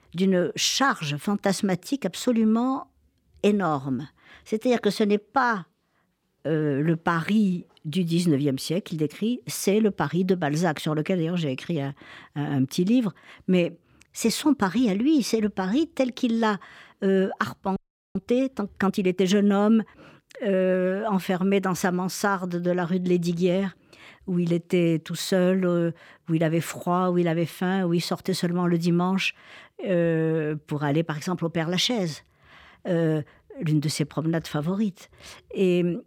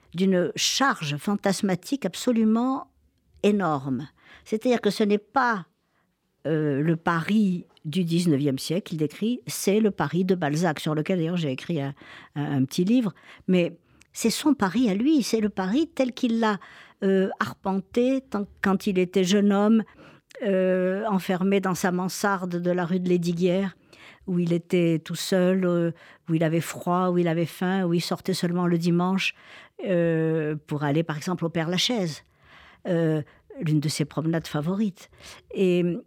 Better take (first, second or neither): second